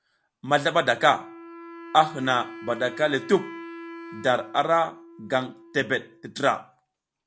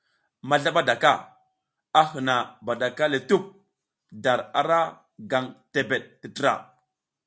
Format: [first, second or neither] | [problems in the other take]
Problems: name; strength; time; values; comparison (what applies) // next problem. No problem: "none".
second | background sound (Wind instrument, woodwind instrument); 17 dB below the speech